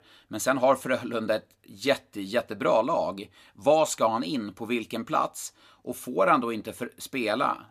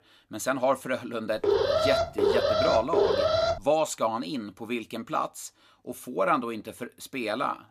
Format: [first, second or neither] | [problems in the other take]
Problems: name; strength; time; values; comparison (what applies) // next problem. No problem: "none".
first | alarm; loud; from 1.5 to 3.5 s; peak 6 dB above the speech